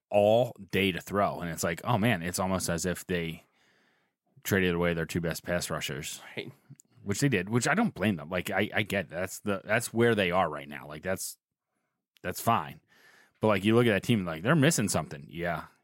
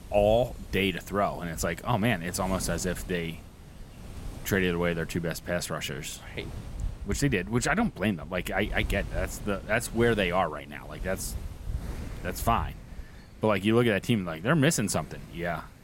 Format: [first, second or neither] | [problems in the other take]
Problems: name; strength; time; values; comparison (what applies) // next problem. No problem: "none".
first | wind noise on the microphone; occasional gusts; 20 dB below the speech